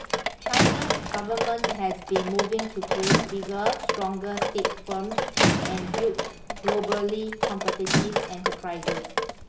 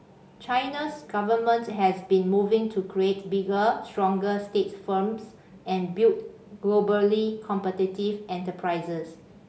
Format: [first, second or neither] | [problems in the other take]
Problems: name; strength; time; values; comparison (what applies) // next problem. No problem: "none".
second | background sound (Drip + Squeak / Rattle / Slam); 4 dB above the speech